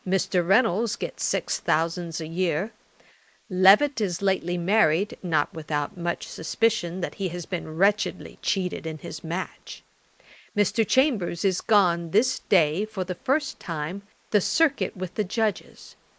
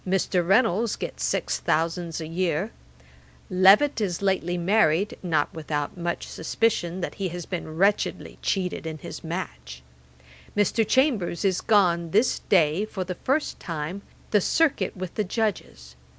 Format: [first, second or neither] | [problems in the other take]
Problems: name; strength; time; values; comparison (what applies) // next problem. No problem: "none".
second | noise reduction (neural mask model Resemble Enhance denoiser)